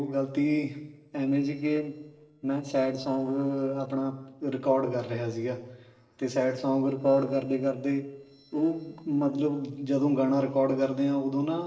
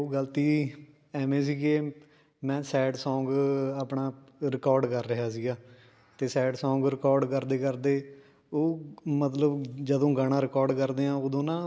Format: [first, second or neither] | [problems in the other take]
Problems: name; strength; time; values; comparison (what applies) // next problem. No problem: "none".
second | noise reduction (neural separator model SepFormer DNS4)